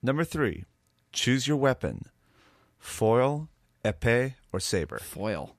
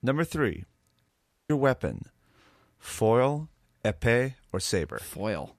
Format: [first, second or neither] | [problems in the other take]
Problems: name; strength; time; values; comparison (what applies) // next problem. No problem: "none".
first | audio cutting out; at 1 s